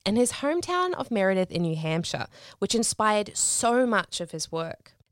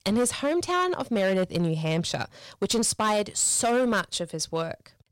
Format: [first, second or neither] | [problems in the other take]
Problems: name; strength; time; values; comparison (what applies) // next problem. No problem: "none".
first | distortion; slight; 8% of the sound clipped